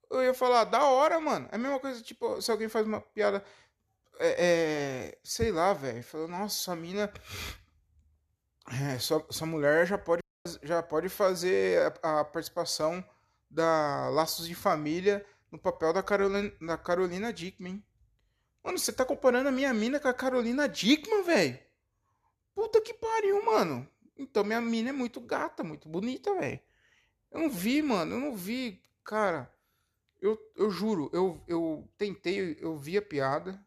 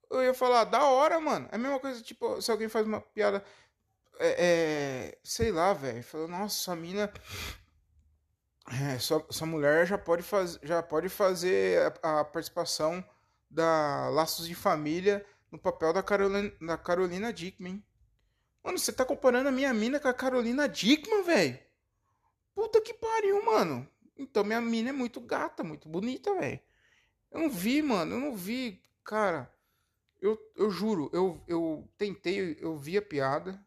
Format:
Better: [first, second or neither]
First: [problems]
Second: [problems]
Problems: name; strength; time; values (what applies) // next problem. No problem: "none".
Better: second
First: audio cutting out; at 10 s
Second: none